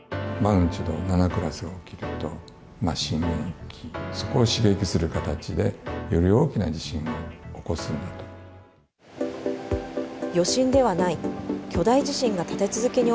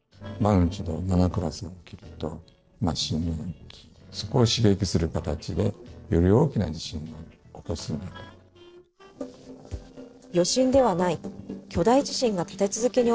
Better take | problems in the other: first | noise reduction (neural separator model SepFormer DNS4)

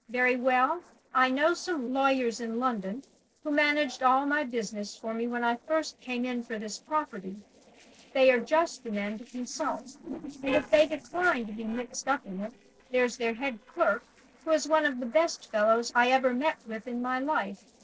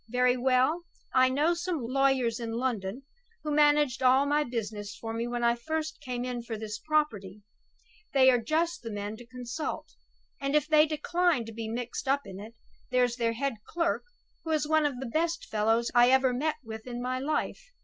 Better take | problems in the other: second | noise reduction (neural separator model SepFormer DNS4)

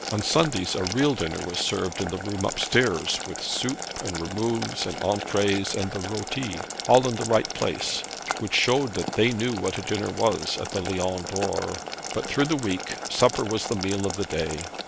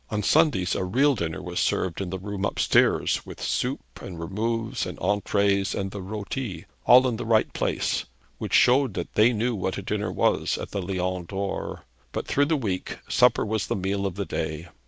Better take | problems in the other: second | background sound (Boiling); 8 dB below the speech

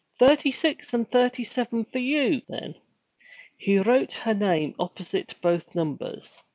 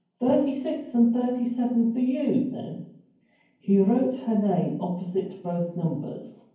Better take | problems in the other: first | room echo; dies away in 0.9 s

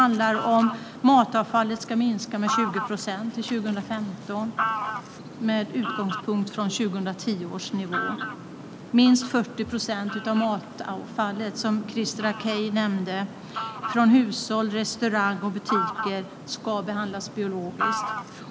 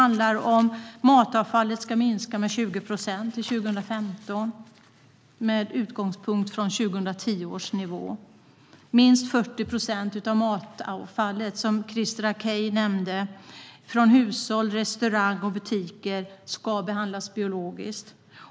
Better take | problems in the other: second | background sound (Fowl); 9 dB below the speech

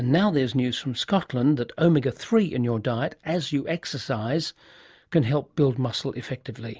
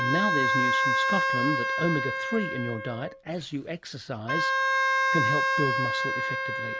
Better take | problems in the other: first | background sound (Wind instrument, woodwind instrument); 5 dB above the speech

